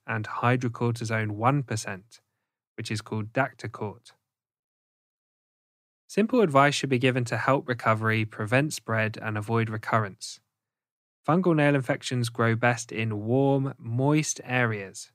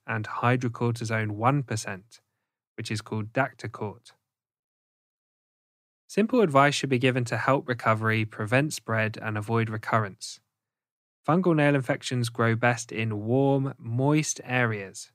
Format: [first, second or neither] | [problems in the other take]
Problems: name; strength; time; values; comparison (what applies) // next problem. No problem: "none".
neither | none